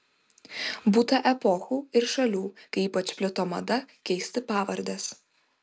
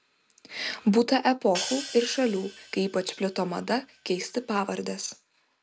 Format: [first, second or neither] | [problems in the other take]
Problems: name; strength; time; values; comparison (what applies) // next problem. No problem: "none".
first | background sound (Hi-hat); 13 dB below the speech